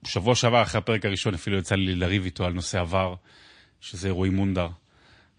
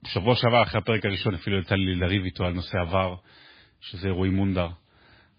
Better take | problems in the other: first | garbled, watery; badly; nothing above 4 kHz; slightly in the first

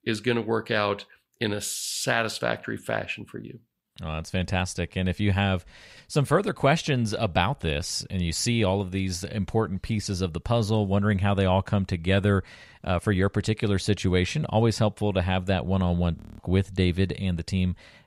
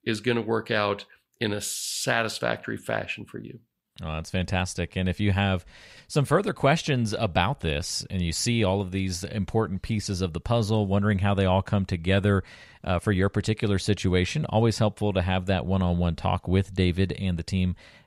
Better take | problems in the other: second | audio freezing; at 16 s

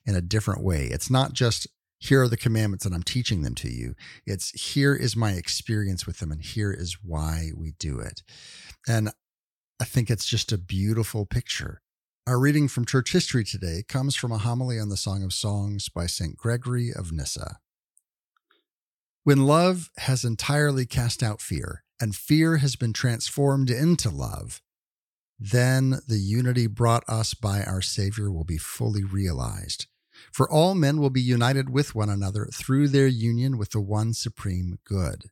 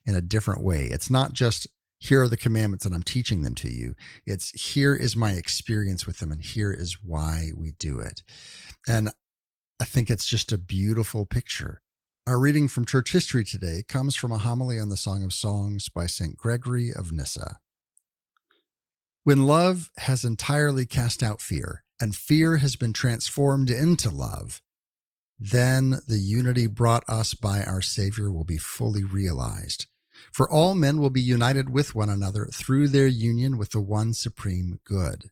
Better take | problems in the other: first | garbled, watery; slightly; nothing above 15.5 kHz

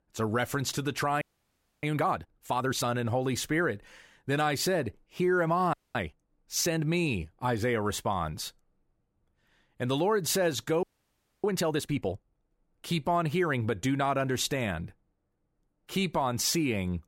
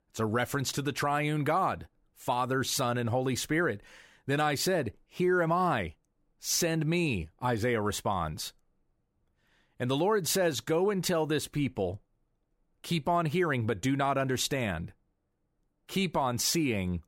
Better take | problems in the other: second | audio freezing; at 1 s for 0.5 s, at 5.5 s and at 11 s for 0.5 s

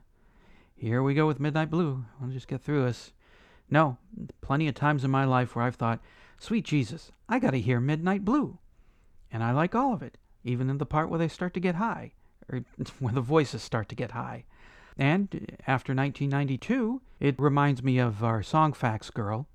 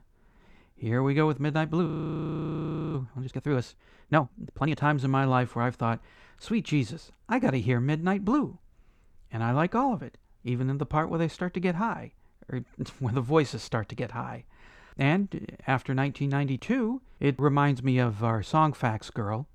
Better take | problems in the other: first | audio freezing; at 2 s for 1 s

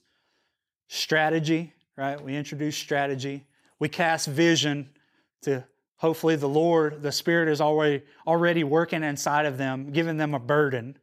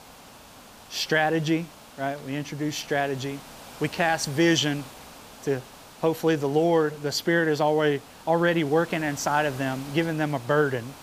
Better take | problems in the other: first | hiss; noticeable; throughout; 20 dB below the speech

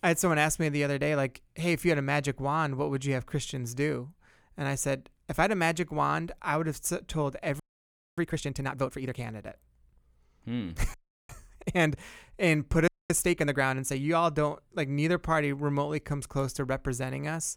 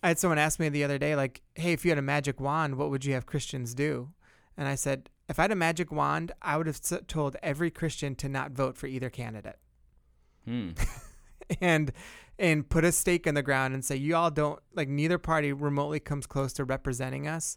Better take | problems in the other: second | audio freezing; at 7.5 s for 0.5 s, at 11 s and at 13 s

